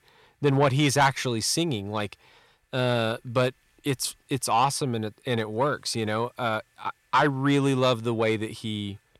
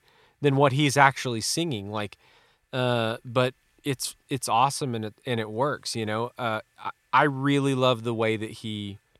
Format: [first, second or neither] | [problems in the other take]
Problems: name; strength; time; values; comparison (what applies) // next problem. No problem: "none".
second | distortion; slight; 10 dB below the speech